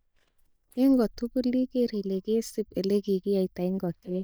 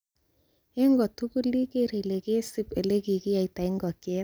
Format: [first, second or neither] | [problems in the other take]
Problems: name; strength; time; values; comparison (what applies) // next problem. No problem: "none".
second | noise reduction (neural mask model DeepFilterNet 3)